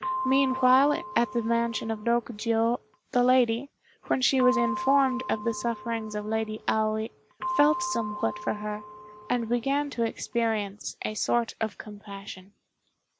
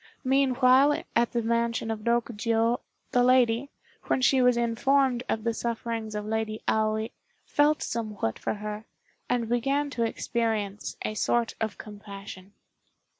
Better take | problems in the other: second | background sound (Percussion); 9 dB below the speech

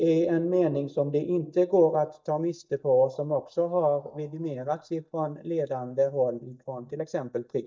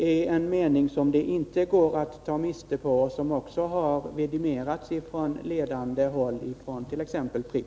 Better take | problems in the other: second | noise reduction (neural mask model DeepFilterNet 3)

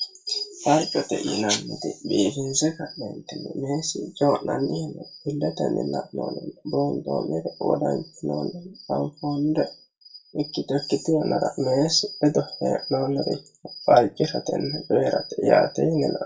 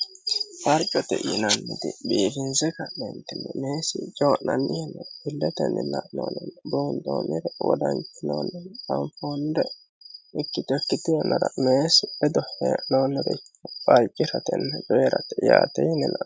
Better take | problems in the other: second | room echo; dies away in 0.2 s

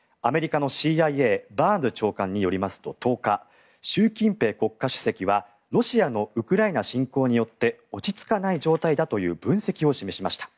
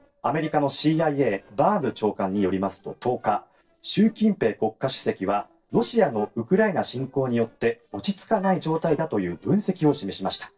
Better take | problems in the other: first | noise reduction (neural separator model SepFormer DNS4)

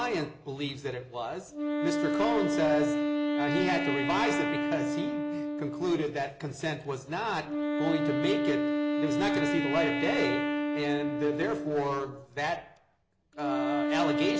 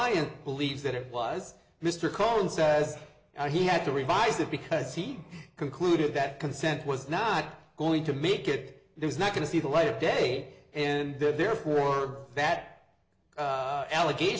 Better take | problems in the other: second | background sound (Wind instrument, woodwind instrument); 1 dB above the speech

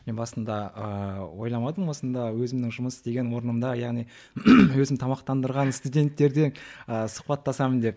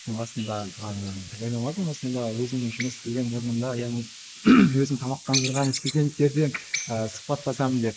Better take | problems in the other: first | noise reduction (neural mask model Resemble Enhance denoiser)

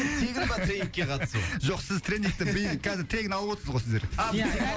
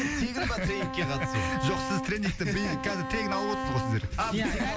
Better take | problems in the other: first | background sound (Bowed string instrument); 5 dB below the speech

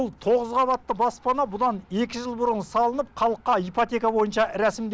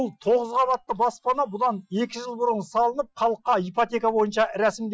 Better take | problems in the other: first | noise reduction (classical method Wiener filter)

